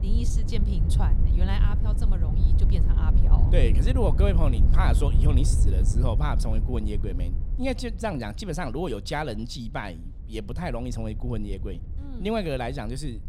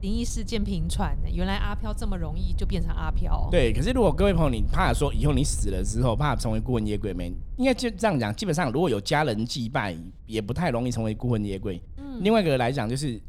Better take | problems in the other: second | wind noise on the microphone; heavy; 8 dB below the speech; occasional gusts in the second

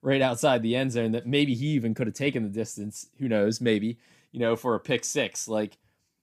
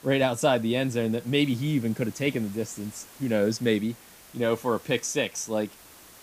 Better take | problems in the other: first | hiss; faint; throughout; 20 dB below the speech

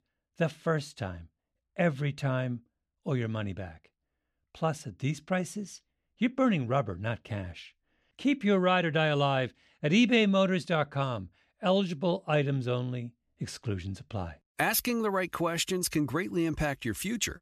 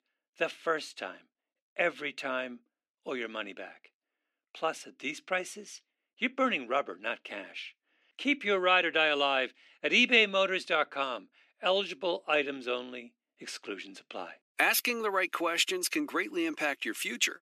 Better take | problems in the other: first | thin; somewhat; fading below 300 Hz

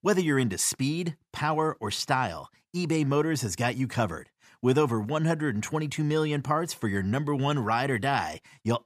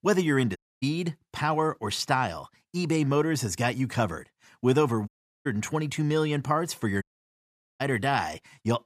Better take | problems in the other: first | audio cutting out; at 0.5 s, at 5 s and at 7 s for 1 s

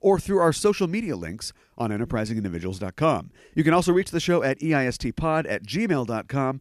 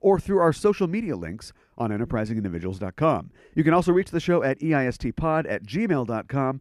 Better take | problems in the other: first | muffled; slightly; fading above 2.5 kHz

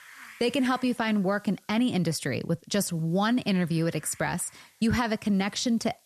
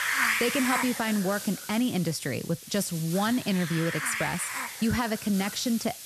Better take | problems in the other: first | hiss; loud; throughout; 4 dB below the speech; faint in the first

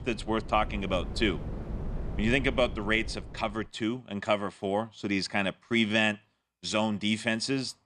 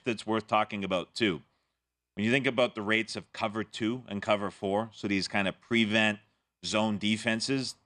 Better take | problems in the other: second | wind noise on the microphone; occasional gusts; until 3.5 s; 20 dB below the speech

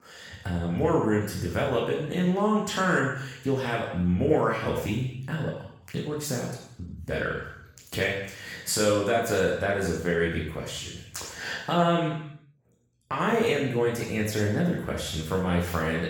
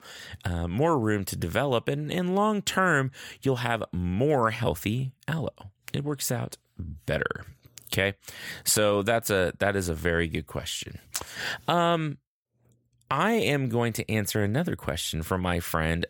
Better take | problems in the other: second | room echo; noticeable; dies away in 0.7 s // off-mic speech; far

